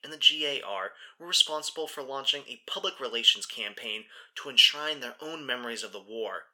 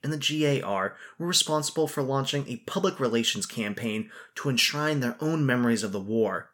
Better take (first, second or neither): second